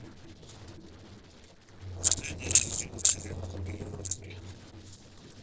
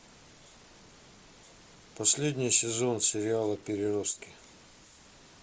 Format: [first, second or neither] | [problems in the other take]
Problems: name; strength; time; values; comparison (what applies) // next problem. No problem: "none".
second | noise reduction (neural separator model SepFormer DNS4)